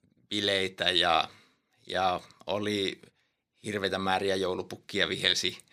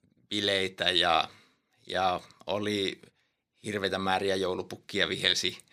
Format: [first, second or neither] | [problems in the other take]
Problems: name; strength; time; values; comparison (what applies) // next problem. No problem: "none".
neither | thin; very slightly; fading below 700 Hz; the same in both